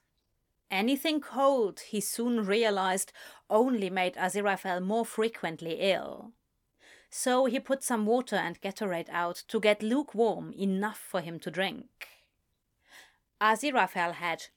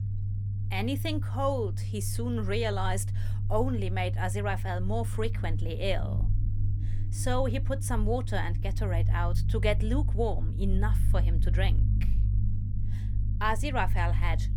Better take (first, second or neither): first